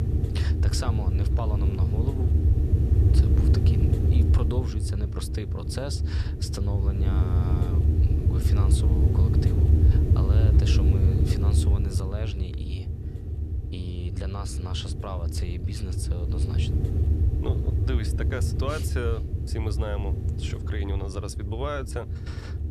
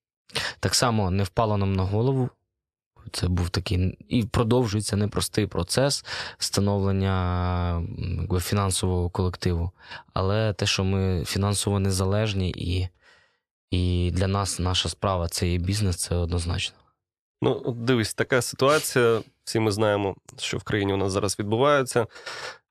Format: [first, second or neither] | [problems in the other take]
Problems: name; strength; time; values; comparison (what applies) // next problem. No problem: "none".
second | wind noise on the microphone; heavy; 1 dB below the speech